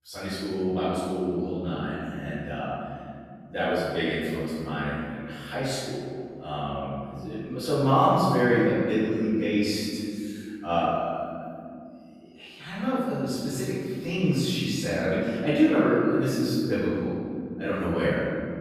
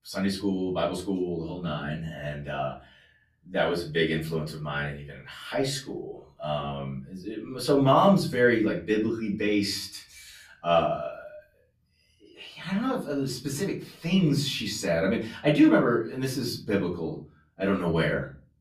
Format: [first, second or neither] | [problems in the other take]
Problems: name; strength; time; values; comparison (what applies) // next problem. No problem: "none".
second | room echo; strong; dies away in 3 s; slight in the second // off-mic speech; far; far in the second